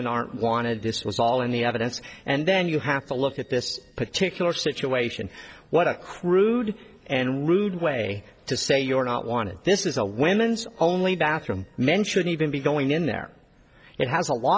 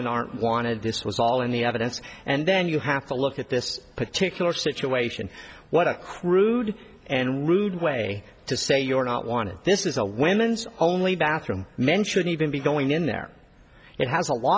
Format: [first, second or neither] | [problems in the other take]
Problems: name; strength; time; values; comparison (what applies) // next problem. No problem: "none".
second | noise reduction (neural separator model SepFormer DNS4)